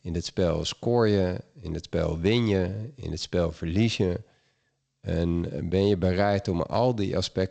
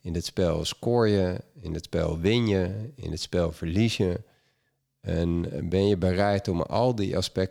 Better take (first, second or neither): second